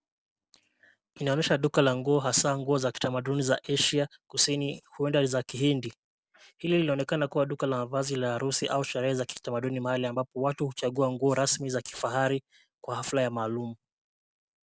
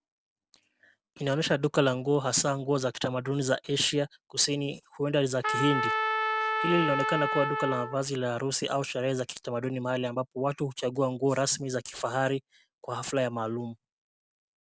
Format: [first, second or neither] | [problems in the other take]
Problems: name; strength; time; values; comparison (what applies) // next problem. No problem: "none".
first | background sound (Trumpet); as loud as the speech